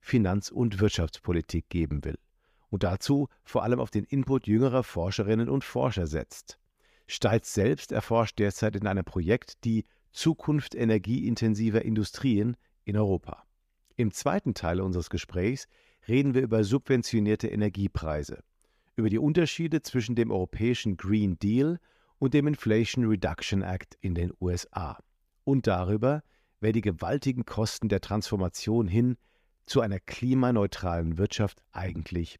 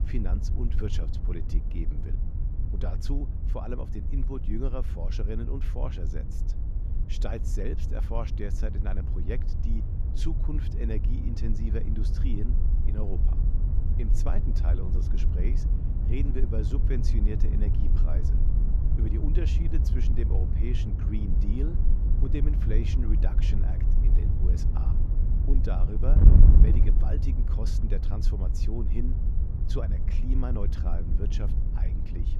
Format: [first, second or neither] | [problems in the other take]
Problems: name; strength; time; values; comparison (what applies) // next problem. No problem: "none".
first | wind noise on the microphone; heavy; 3 dB below the speech